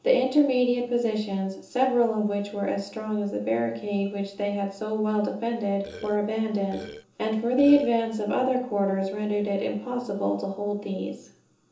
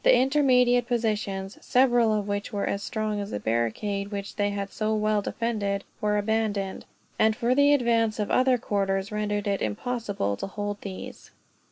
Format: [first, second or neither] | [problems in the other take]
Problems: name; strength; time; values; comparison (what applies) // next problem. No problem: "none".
second | background sound (Burping, eructation); 15 dB below the speech // room echo; dies away in 0.6 s